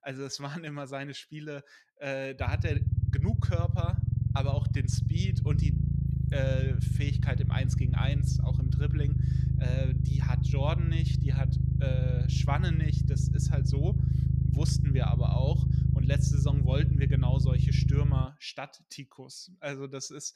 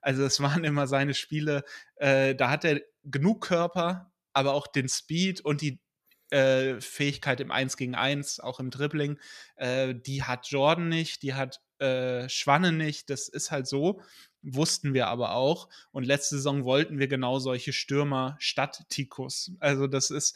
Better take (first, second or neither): second